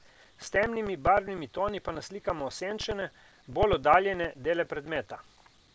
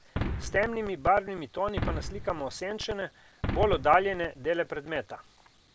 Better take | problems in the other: first | background sound (Boom); 7 dB below the speech

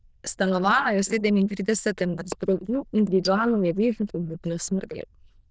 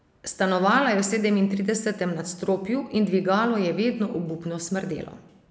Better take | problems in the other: second | noise reduction (neural diffusion model UNIVERSE++)

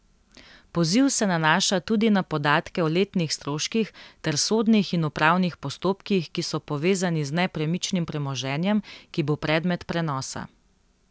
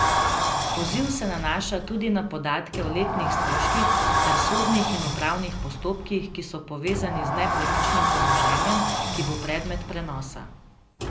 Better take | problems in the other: first | background sound (Sliding door); 3 dB above the speech // room echo; dies away in 0.5 s

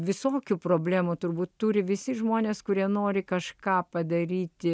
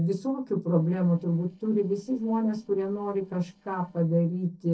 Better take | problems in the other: first | noise reduction (neural separator model SepFormer DNS4)

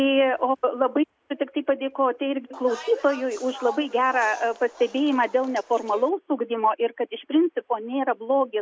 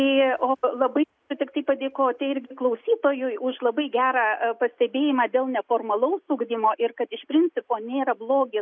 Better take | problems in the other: second | background sound (Bus); 16 dB below the speech

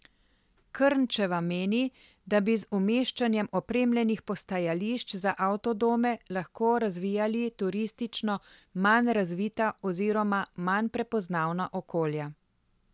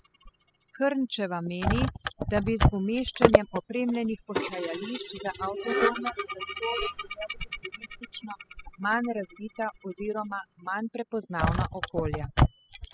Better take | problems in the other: first | noise reduction (classical method spectral subtraction)

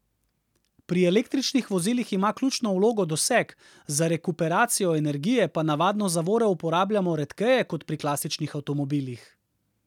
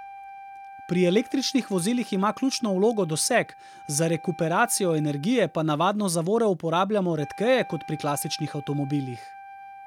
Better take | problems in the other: first | background sound (Wind instrument, woodwind instrument); 18 dB below the speech

